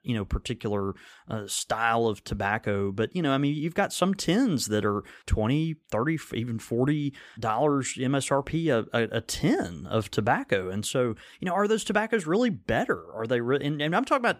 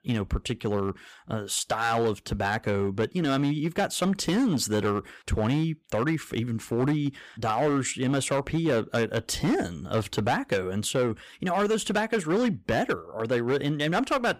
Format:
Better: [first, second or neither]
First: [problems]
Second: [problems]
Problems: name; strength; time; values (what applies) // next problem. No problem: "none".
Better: first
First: none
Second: distortion; slight; 8% of the sound clipped